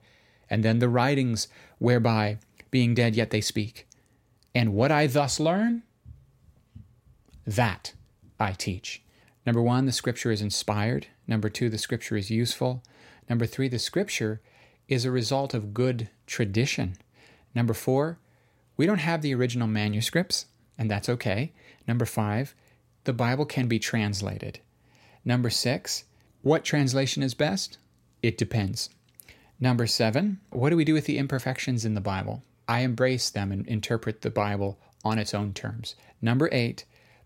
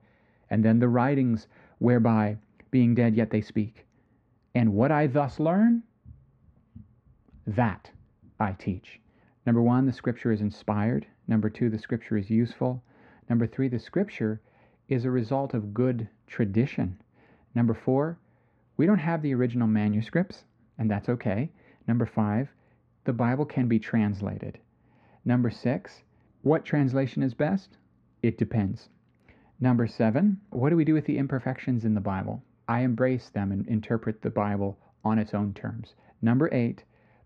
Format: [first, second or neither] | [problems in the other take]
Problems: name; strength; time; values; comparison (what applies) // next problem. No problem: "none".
first | muffled; very; fading above 1.5 kHz